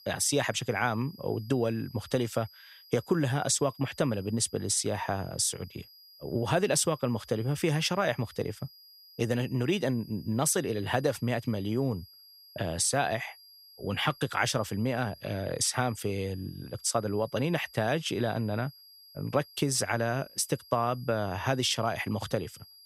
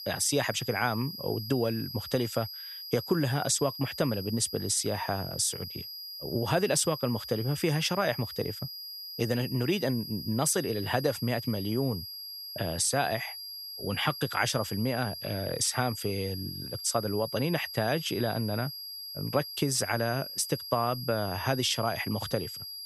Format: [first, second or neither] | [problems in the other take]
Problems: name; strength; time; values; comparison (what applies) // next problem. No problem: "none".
first | high-pitched whine; loud; throughout; 5 kHz, 8 dB below the speech; faint in the first